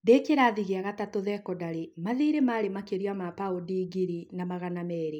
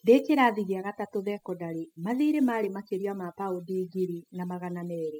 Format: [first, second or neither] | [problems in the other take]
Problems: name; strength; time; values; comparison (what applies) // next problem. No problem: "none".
first | noise reduction (classical method spectral subtraction)